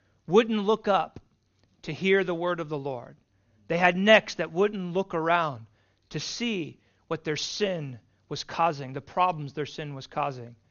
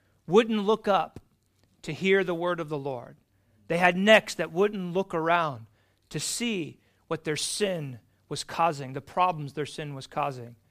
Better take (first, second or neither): second